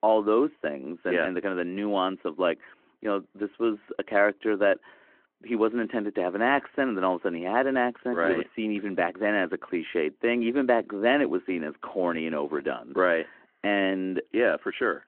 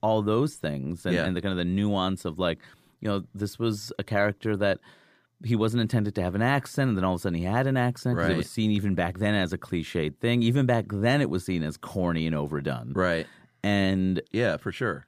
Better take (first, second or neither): second